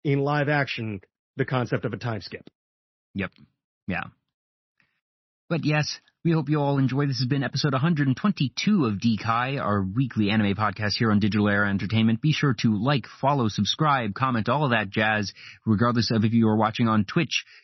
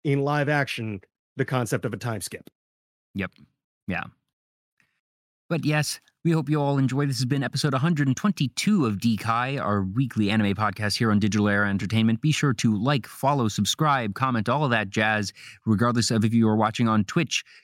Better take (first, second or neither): second